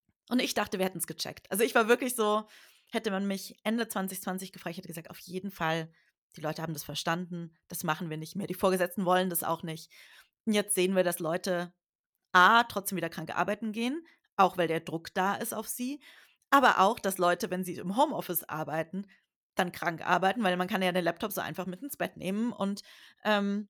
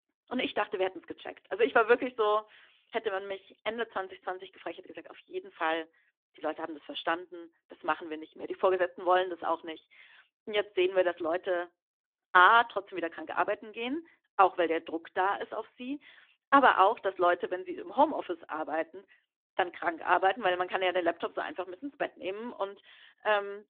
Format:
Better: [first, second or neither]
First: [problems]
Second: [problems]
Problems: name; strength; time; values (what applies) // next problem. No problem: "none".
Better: first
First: none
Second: phone-call audio